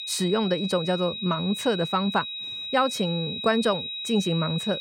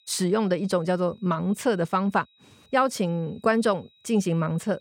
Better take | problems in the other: second | high-pitched whine; loud; throughout; 4 kHz, 5 dB below the speech; faint in the second

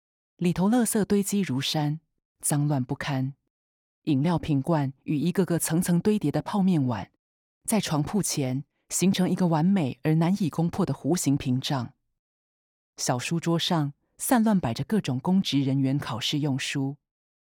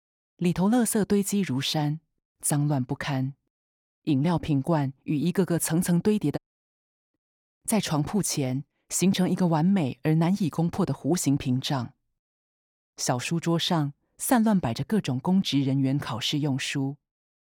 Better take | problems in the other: first | audio cutting out; at 6.5 s for 1 s

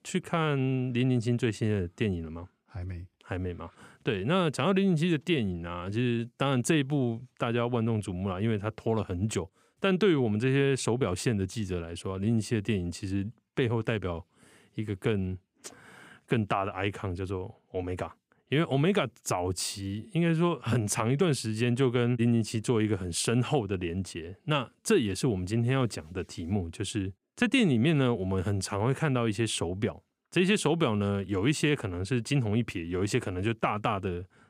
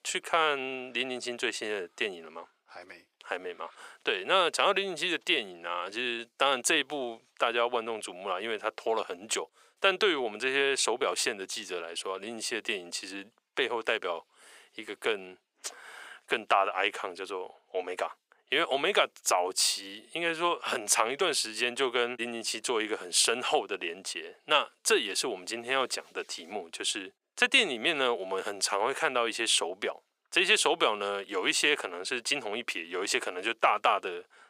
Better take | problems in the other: first | thin; very; fading below 550 Hz

